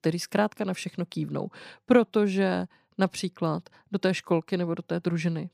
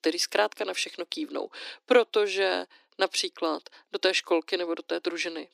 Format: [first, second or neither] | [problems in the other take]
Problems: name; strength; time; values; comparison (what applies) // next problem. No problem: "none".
first | thin; very; fading below 300 Hz